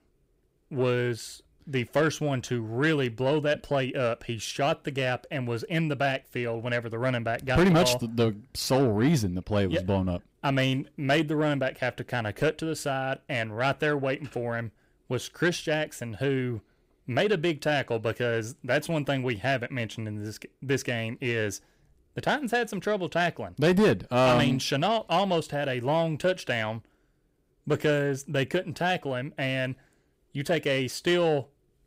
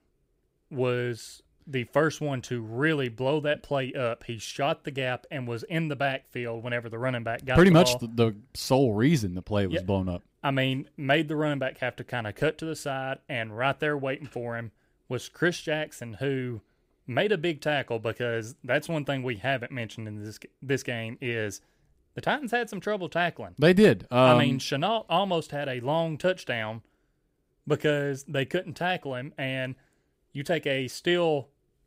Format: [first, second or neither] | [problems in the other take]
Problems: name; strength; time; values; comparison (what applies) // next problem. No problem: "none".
second | distortion; slight; 10 dB below the speech